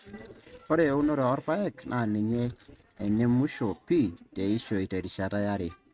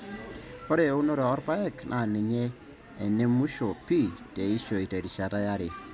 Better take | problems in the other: second | noise reduction (neural mask model RNNoise)

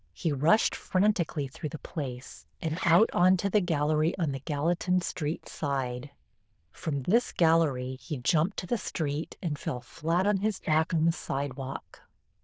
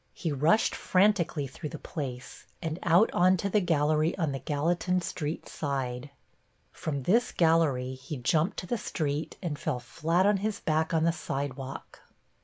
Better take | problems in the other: second | noise reduction (neural diffusion model UNIVERSE++)

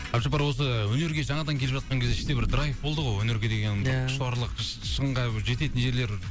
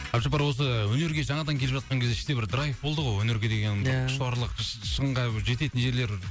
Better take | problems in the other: second | background sound (Thunder); 8 dB below the speech

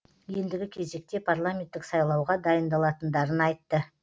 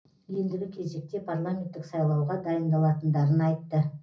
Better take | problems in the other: first | room echo; dies away in 0.5 s

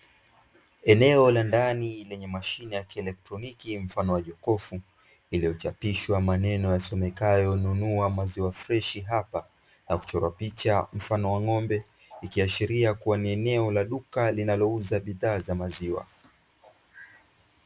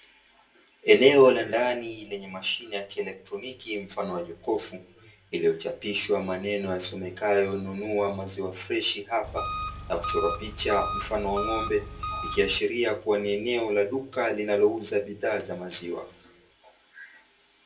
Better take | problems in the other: first | background sound (Engine); 5 dB below the speech // room echo; dies away in 0.2 s

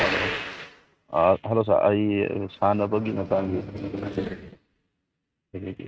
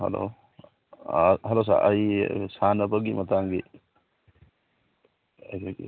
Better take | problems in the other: second | noise reduction (neural mask model RNNoise)

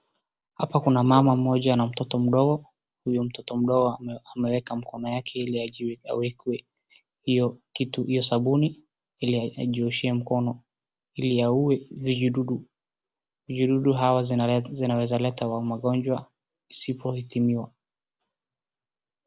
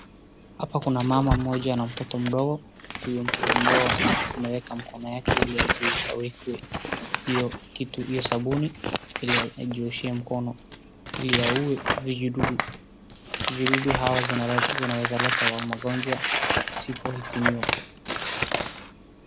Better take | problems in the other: first | background sound (Crumpling, crinkling / Tearing); as loud as the speech

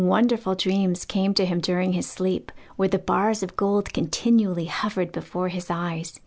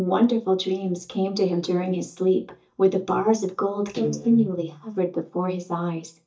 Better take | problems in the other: first | noise reduction (neural mask model DeepFilterNet 3)

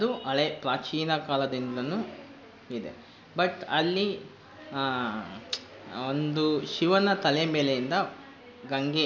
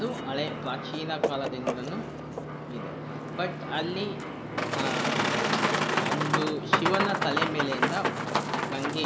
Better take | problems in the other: first | background sound (Boat, Water vehicle); 4 dB above the speech

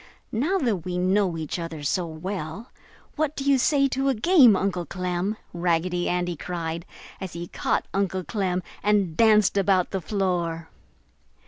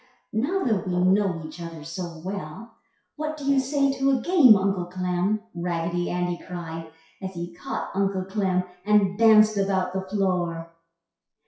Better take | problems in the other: first | noise reduction (classical method WPE with log-MMSE)

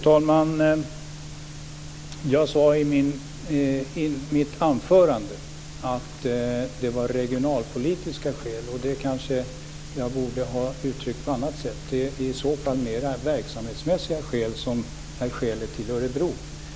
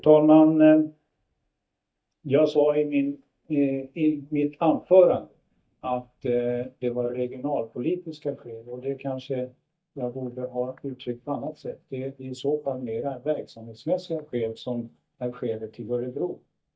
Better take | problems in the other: first | noise reduction (neural mask model DeepFilterNet 3)

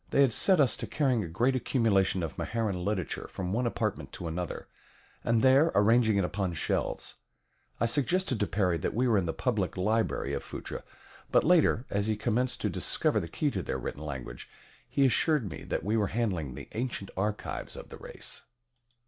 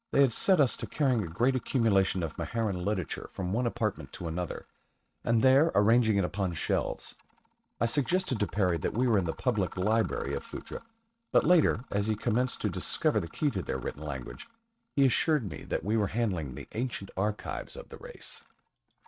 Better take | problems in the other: first | noise reduction (neural mask model RNNoise)

